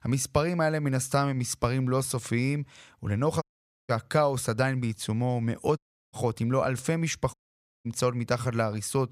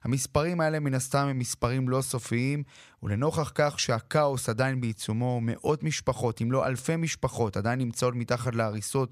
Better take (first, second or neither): second